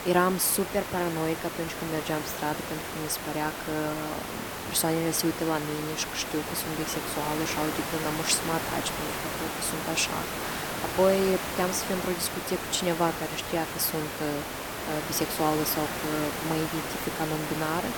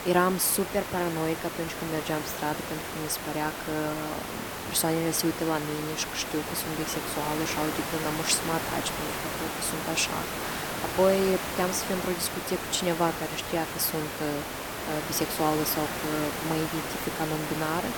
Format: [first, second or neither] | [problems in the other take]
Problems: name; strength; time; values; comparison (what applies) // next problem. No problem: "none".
neither | hiss; loud; throughout; 4 dB below the speech; the same in both